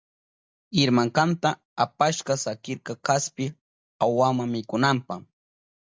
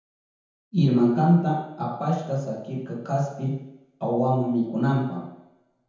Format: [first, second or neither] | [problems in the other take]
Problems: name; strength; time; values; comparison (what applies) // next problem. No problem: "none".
first | room echo; dies away in 0.9 s